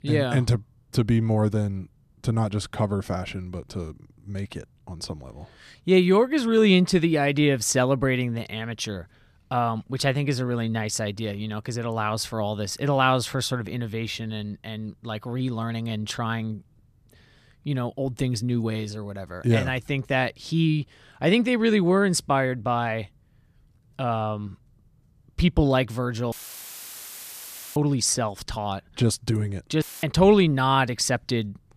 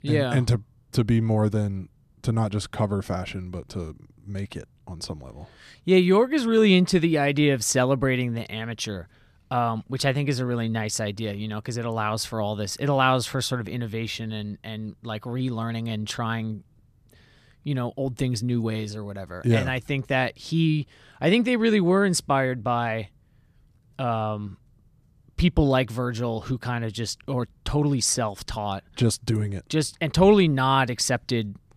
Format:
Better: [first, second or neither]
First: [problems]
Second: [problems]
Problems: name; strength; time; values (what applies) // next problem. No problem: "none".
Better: second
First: audio cutting out; filled with static; at 26 s for 1.5 s and at 30 s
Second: none